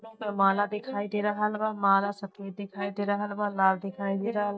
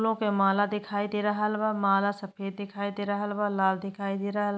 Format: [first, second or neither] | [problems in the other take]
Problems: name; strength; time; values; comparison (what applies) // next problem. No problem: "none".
second | noise reduction (neural mask model DeepFilterNet 3)